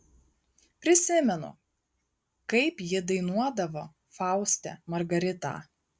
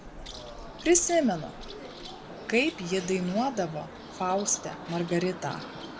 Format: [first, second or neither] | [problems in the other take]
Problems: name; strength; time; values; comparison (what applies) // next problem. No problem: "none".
first | background sound (Bird); 12 dB below the speech